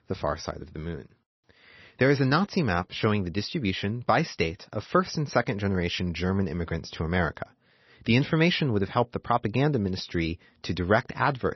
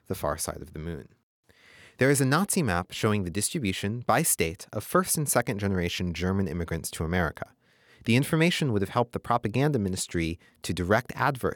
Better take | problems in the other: second | garbled, watery; slightly; nothing above 6 kHz

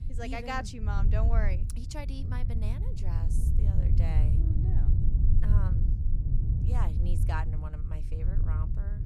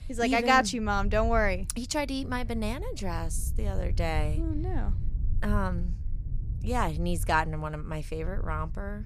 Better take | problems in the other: second | low rumble; loud; throughout; 4 dB below the speech; faint in the second

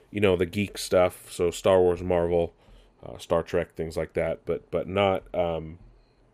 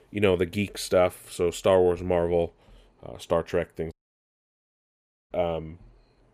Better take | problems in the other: first | audio cutting out; at 4 s for 1.5 s

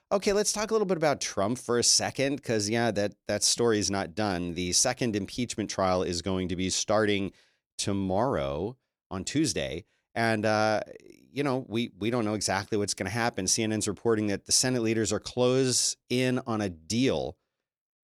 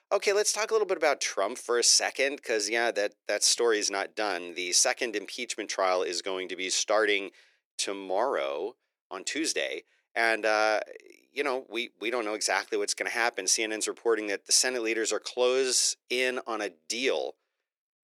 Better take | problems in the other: first | thin; very; fading below 400 Hz

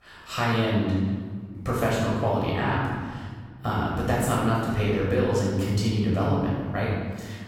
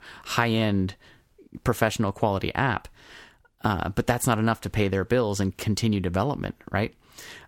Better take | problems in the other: second | off-mic speech; far // room echo; strong; dies away in 1.6 s

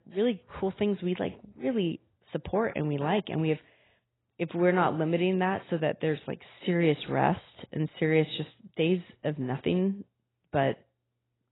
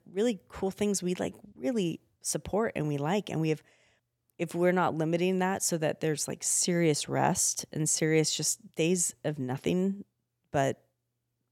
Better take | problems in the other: second | garbled, watery; badly; nothing above 4 kHz

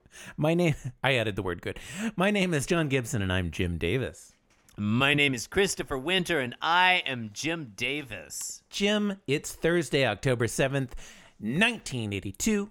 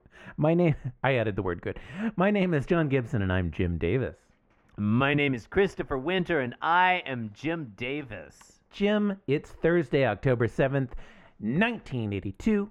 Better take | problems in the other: first | muffled; very; fading above 3.5 kHz

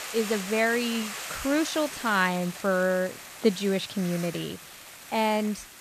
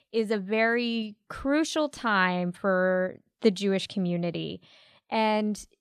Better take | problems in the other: second | hiss; noticeable; throughout; 10 dB below the speech

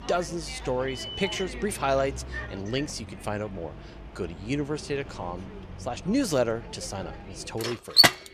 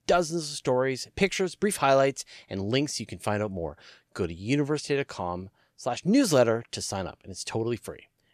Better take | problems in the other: second | traffic noise; very loud; throughout; 5 dB above the speech

